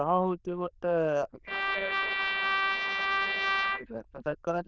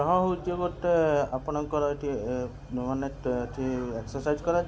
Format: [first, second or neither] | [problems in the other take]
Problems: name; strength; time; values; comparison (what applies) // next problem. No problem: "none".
second | noise reduction (neural diffusion model UNIVERSE++)